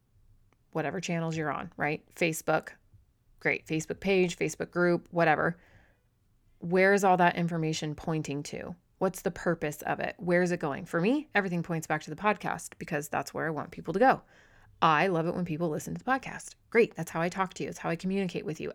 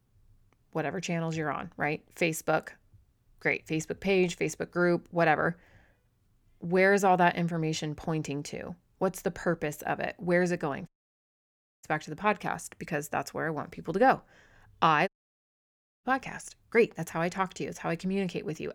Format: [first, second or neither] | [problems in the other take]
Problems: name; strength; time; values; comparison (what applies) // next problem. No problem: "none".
first | audio cutting out; at 11 s for 1 s and at 15 s for 1 s